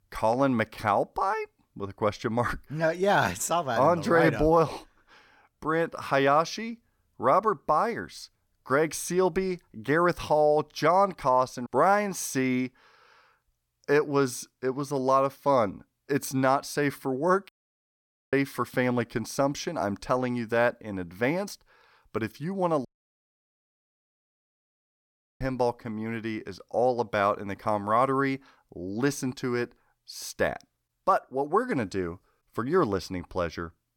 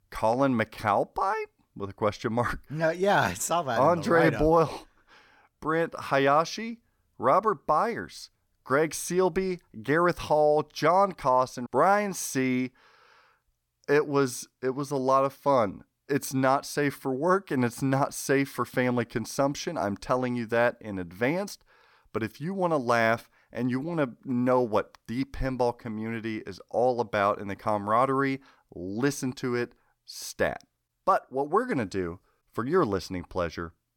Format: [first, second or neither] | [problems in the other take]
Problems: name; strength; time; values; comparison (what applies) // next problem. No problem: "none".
second | audio cutting out; at 17 s for 1 s and at 23 s for 2.5 s